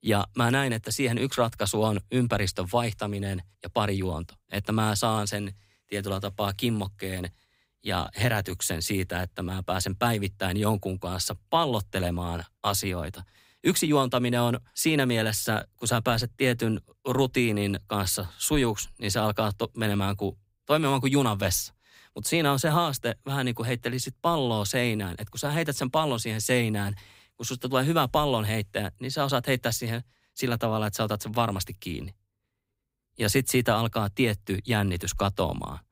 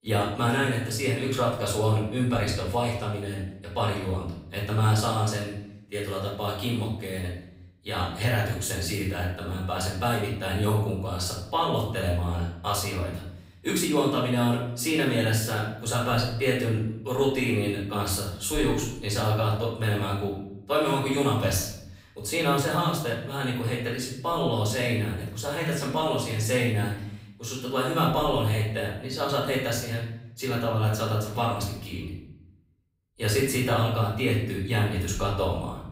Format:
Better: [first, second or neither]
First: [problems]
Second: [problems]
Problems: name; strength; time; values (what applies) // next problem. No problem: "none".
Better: first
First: none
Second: off-mic speech; far // room echo; noticeable; dies away in 0.7 s